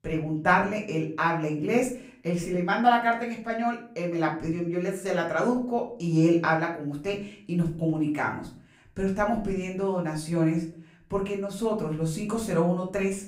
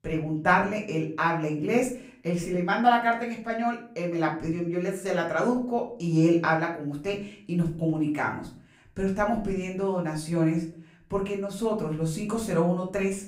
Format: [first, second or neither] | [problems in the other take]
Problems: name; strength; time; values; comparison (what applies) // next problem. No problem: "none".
neither | room echo; slight; dies away in 0.4 s; the same in both // off-mic speech; far; the same in both